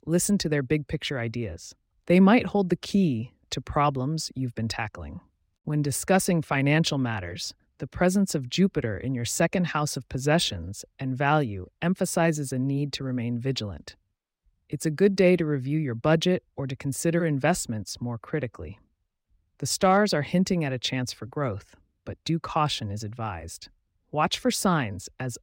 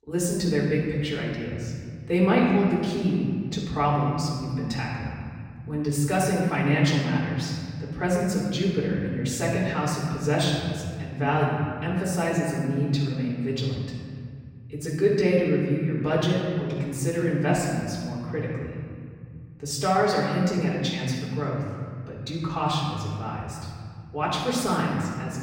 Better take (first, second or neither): first